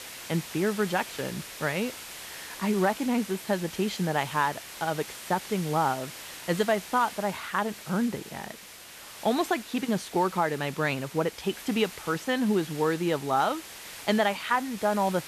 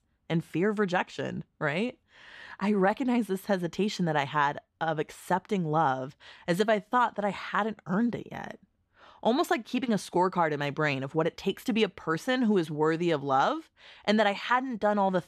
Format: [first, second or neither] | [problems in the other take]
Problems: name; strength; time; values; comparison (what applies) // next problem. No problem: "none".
second | hiss; noticeable; throughout; 10 dB below the speech